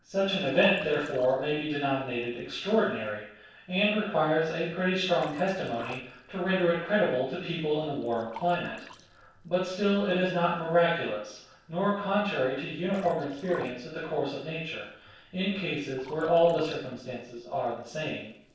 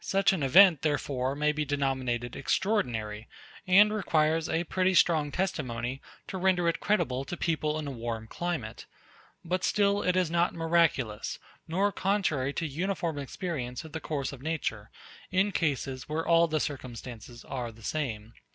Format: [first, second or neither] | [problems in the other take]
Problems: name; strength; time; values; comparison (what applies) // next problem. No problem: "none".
second | noise reduction (neural separator model SepFormer DNS4)